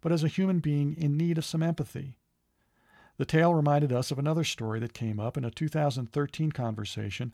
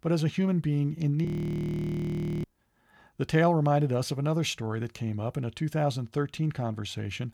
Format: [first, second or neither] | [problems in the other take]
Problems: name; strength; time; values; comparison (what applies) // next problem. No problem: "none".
first | audio freezing; at 1.5 s for 1 s